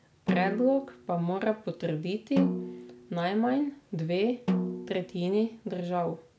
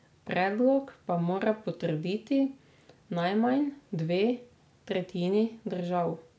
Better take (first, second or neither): second